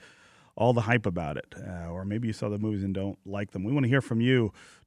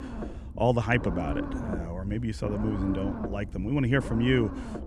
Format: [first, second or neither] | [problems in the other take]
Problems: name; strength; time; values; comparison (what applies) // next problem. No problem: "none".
first | low rumble; loud; throughout; 8 dB below the speech